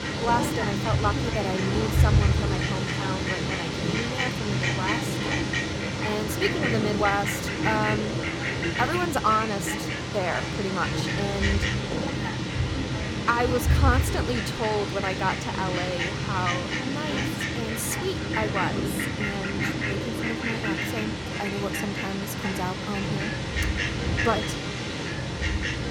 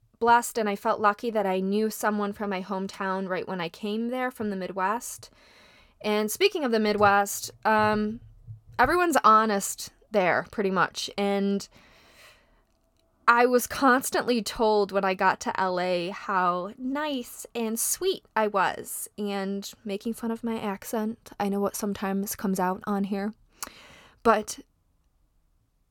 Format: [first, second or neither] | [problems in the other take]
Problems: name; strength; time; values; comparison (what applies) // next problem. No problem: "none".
second | animal sounds; very loud; throughout; 3 dB above the speech